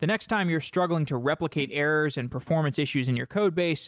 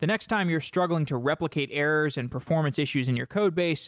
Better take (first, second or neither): second